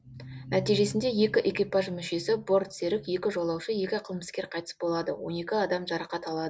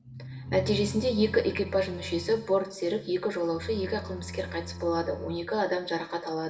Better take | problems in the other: first | background sound (Bowed string instrument); 13 dB below the speech // room echo; dies away in 0.8 s

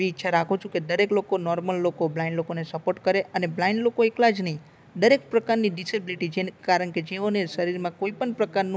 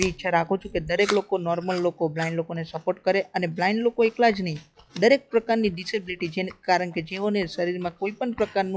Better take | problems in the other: first | noise reduction (classical method log-MMSE)

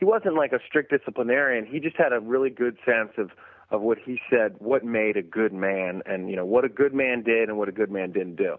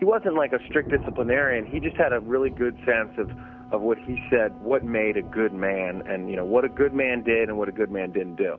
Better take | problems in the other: first | background sound (Wind instrument, woodwind instrument + Thunder / Rain); 15 dB below the speech

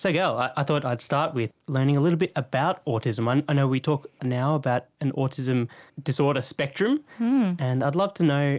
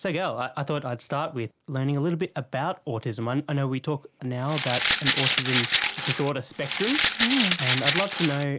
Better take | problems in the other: first | background sound (Rattle (instrument)); 2 dB above the speech

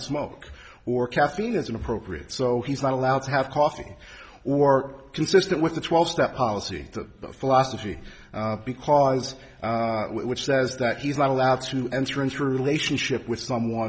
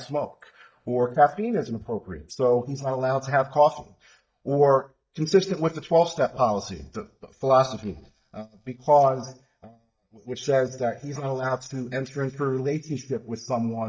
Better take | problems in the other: first | noise reduction (neural mask model DeepFilterNet 3)

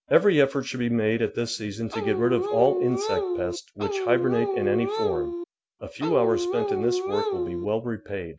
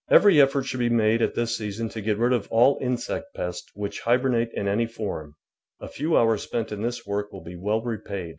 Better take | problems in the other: second | background sound (Dog); 1 dB below the speech

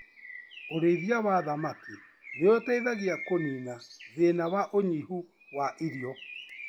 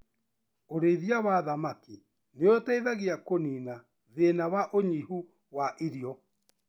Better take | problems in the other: second | background sound (Bird); 16 dB below the speech

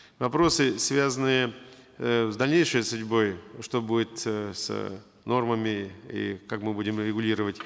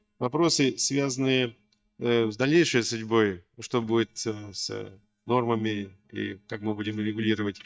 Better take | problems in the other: first | noise reduction (neural mask model DeepFilterNet 3)

